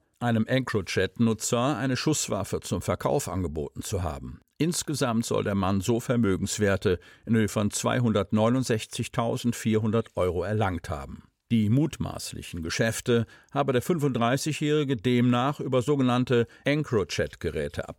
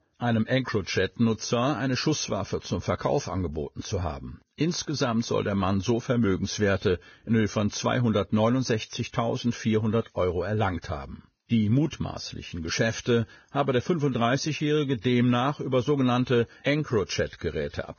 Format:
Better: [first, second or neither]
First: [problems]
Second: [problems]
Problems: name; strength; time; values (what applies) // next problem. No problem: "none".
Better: first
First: none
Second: garbled, watery; badly; nothing above 6.5 kHz